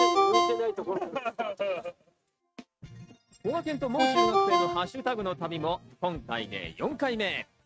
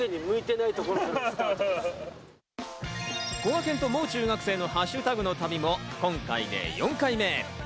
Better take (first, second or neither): second